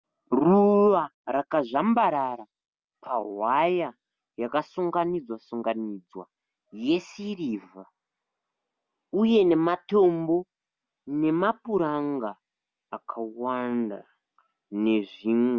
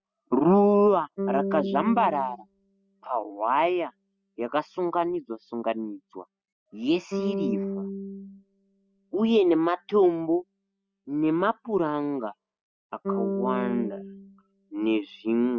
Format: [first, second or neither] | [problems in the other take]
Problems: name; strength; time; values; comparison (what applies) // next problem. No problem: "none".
first | noise reduction (classical method spectral subtraction)